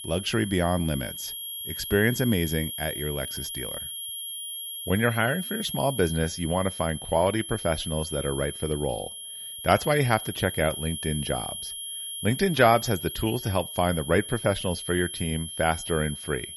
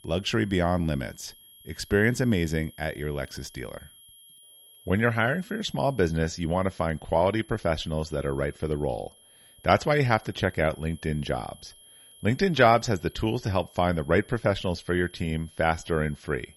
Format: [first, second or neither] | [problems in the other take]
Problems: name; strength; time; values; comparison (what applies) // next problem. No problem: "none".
second | high-pitched whine; loud; throughout; 3 kHz, 7 dB below the speech; faint in the second